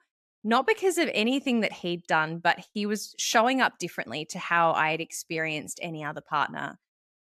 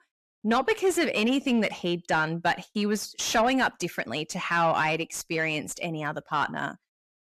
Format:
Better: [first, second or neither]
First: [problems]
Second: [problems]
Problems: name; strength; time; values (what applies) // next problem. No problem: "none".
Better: first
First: none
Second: distortion; slight; 10 dB below the speech